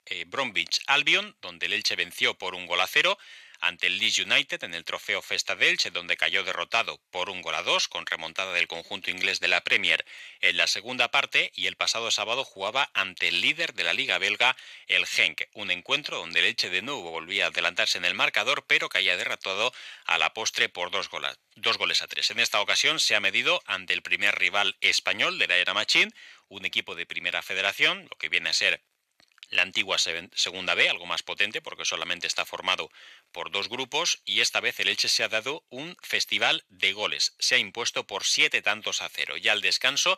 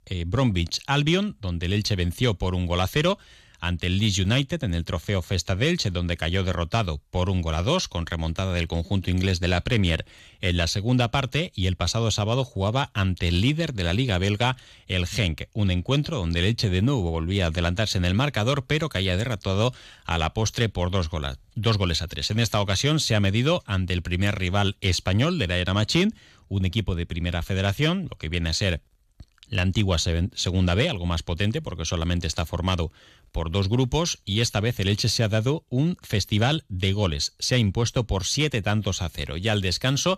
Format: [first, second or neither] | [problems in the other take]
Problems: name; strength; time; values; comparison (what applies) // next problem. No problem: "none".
second | thin; very; fading below 600 Hz